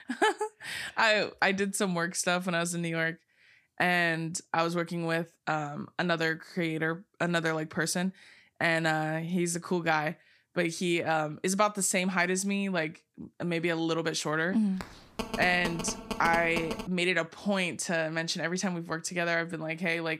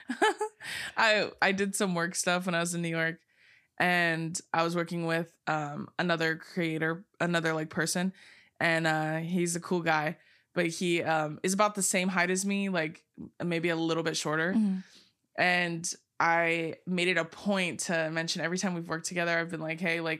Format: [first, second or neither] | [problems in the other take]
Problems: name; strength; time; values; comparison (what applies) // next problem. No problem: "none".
second | phone ringing; noticeable; from 15 to 17 s; peak 6 dB below the speech